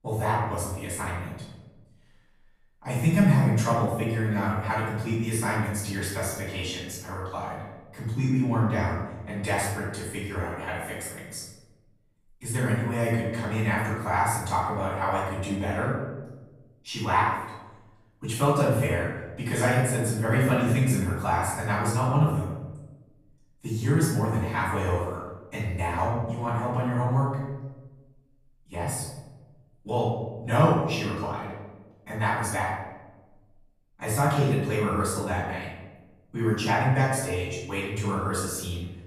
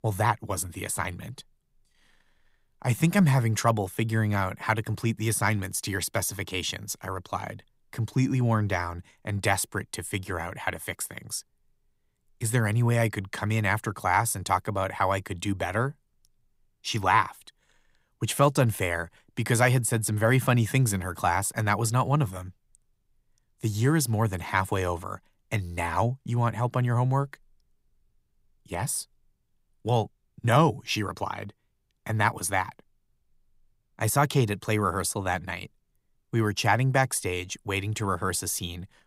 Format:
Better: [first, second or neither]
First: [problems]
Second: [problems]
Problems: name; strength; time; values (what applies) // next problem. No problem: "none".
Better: second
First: off-mic speech; far // room echo; noticeable; dies away in 1 s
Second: none